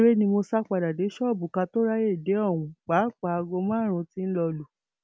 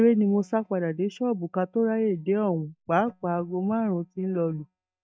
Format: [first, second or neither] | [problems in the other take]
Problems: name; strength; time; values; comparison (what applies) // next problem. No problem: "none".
first | noise reduction (neural mask model DeepFilterNet 3)